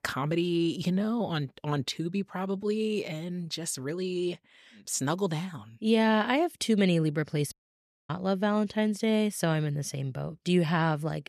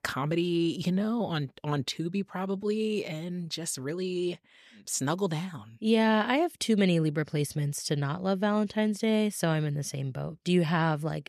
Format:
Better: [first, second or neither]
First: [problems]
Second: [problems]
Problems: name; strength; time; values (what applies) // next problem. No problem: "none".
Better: second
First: audio cutting out; at 7.5 s for 0.5 s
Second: none